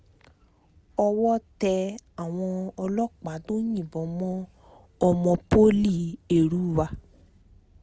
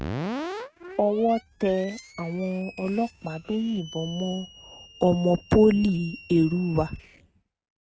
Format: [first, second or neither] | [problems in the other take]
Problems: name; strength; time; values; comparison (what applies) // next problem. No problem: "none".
first | noise reduction (neural mask model RNNoise)